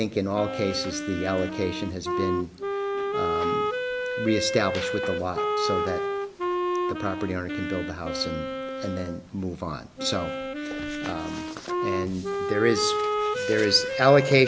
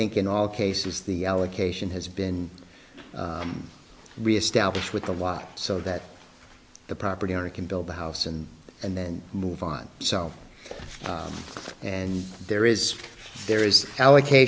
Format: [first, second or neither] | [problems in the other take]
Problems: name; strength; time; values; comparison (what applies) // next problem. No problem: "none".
second | background sound (Wind instrument, woodwind instrument); 2 dB below the speech